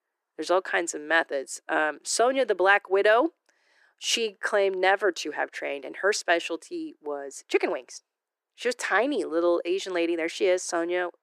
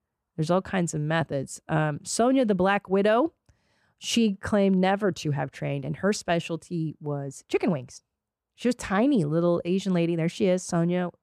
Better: second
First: thin; very; fading below 350 Hz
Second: none

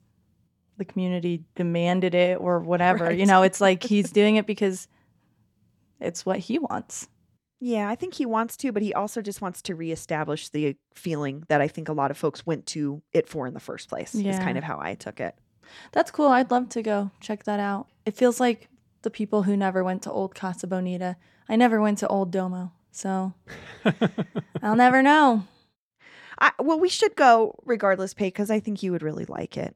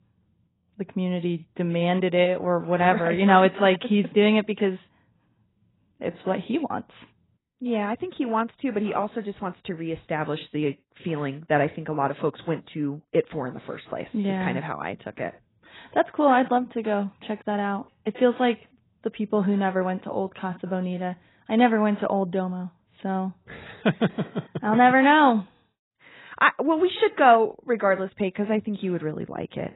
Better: first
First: none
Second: garbled, watery; badly; nothing above 4 kHz

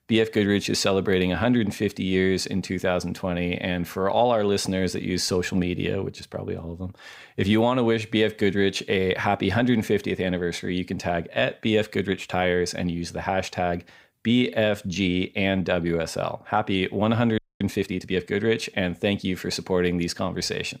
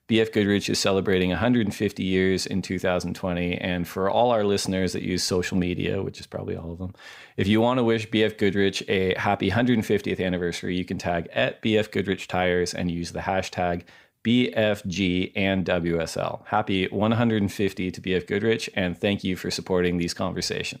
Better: second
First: audio freezing; at 17 s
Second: none

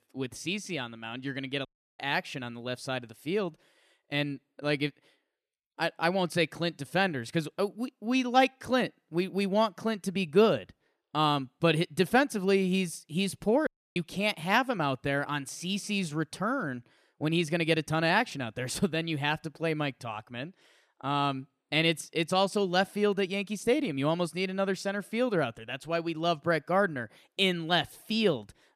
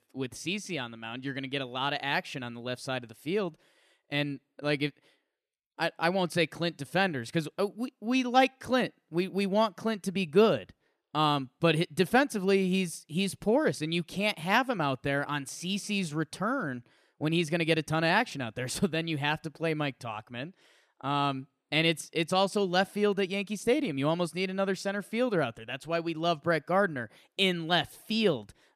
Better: second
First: audio cutting out; at 1.5 s and at 14 s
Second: none

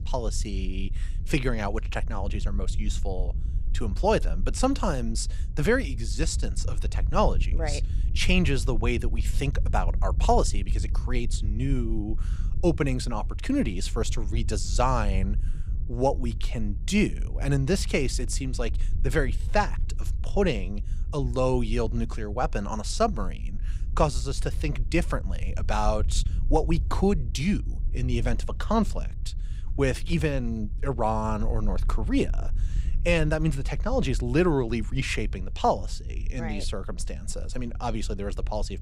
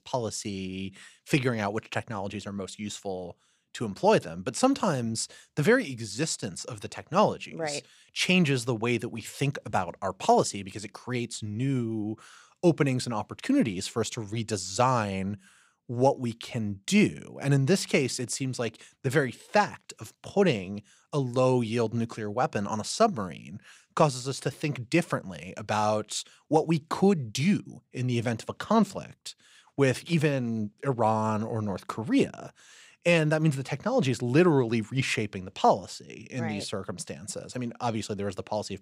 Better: second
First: wind noise on the microphone; occasional gusts; 20 dB below the speech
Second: none

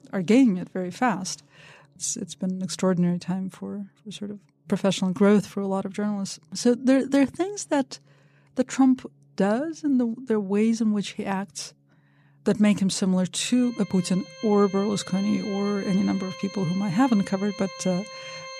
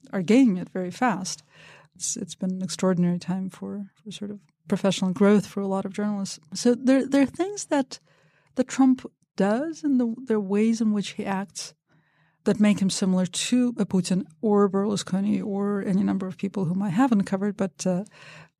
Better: second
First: background music; noticeable; throughout; 15 dB below the speech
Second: none

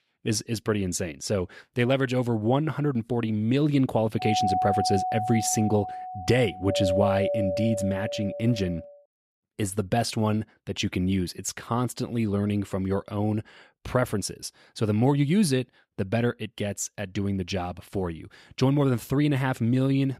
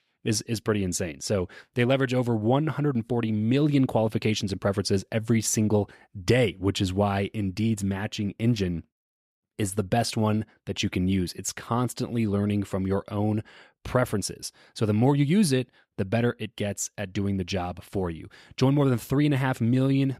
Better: second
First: doorbell; loud; from 4 to 9 s; peak 2 dB above the speech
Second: none

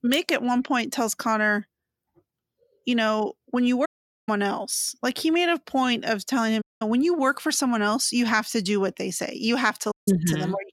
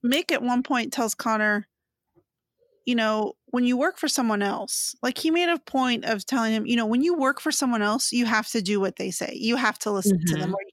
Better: second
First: audio cutting out; at 4 s, at 6.5 s and at 10 s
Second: none

